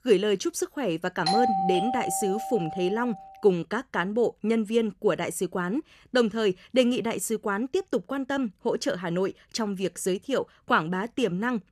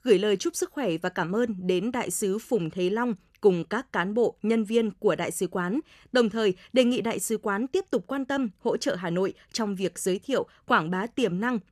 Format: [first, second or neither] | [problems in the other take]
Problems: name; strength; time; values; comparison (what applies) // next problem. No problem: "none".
second | doorbell; loud; from 1.5 to 3 s; peak 3 dB above the speech